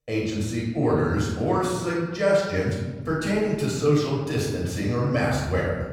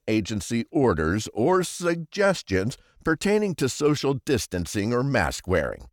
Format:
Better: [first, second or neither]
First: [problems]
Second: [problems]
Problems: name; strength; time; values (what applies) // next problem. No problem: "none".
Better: second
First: off-mic speech; far // room echo; noticeable; dies away in 1.3 s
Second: none